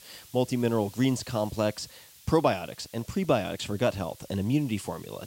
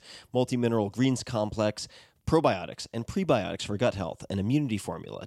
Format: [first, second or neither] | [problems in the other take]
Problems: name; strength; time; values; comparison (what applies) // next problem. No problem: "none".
second | hiss; faint; throughout; 20 dB below the speech